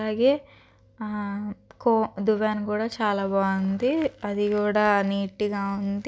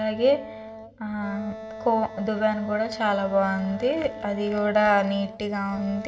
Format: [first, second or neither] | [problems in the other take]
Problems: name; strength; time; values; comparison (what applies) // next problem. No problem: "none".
first | background sound (Wind instrument, woodwind instrument); 13 dB below the speech // room echo; dies away in 0.7 s